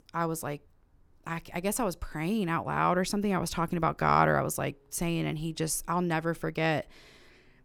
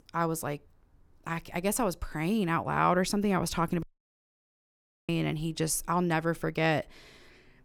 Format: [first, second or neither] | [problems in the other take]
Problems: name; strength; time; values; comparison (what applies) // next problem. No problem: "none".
first | audio cutting out; at 4 s for 1.5 s